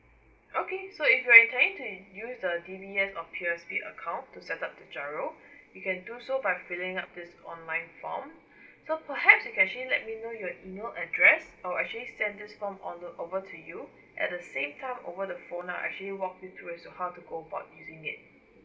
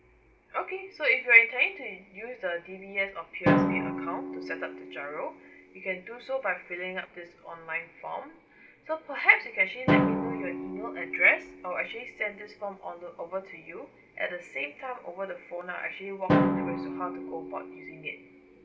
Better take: first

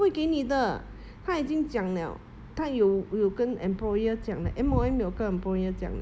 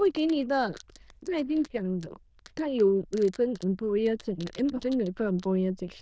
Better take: first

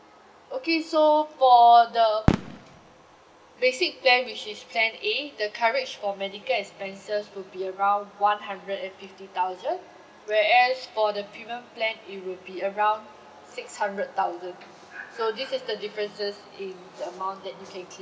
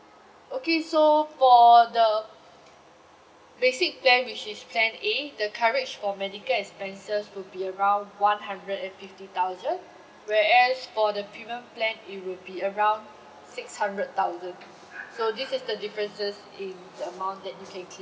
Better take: second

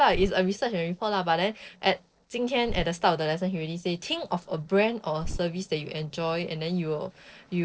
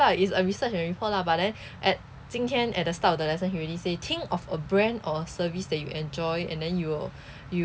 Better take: second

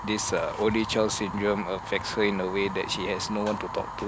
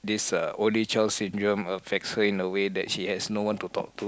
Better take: second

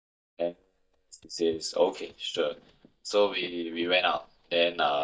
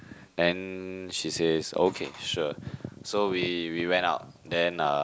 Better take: second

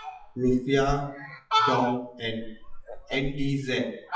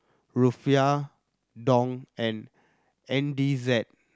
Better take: second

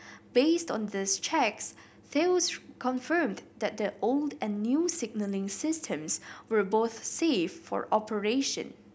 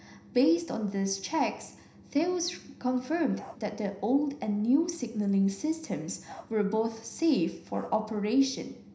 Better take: first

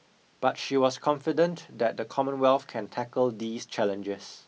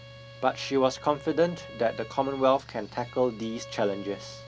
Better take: first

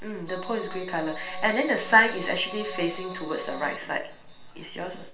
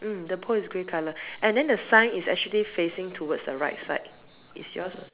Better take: second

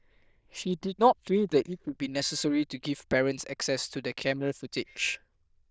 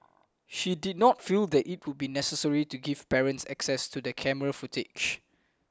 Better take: second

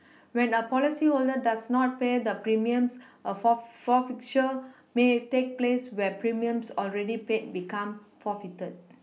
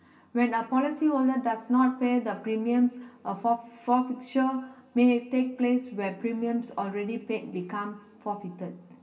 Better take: first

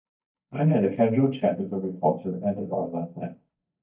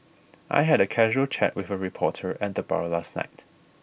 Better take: second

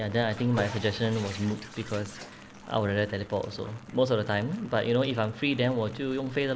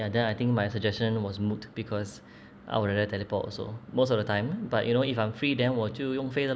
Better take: second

